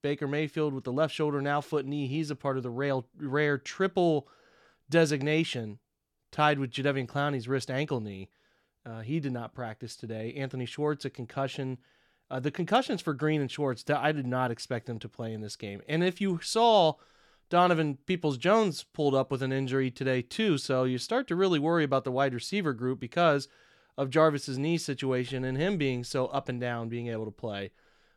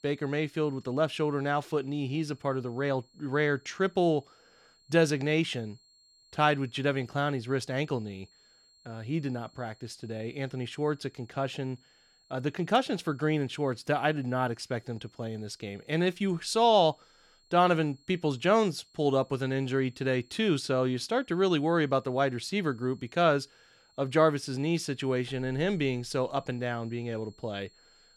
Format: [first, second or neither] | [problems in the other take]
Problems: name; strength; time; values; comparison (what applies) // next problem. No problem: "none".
first | high-pitched whine; faint; throughout; 4.5 kHz, 30 dB below the speech